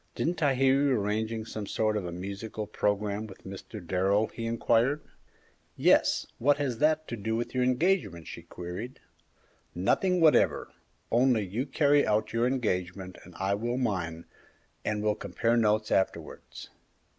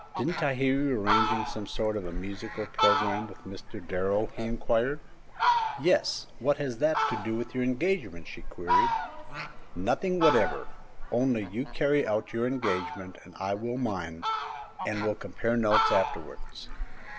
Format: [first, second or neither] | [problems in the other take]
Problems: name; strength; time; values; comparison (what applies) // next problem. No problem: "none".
first | background sound (Fowl); 2 dB below the speech